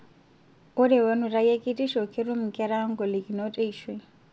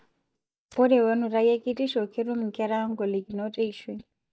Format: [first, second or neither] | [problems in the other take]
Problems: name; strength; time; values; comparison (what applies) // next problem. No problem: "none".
first | noise reduction (neural mask model DeepFilterNet 3)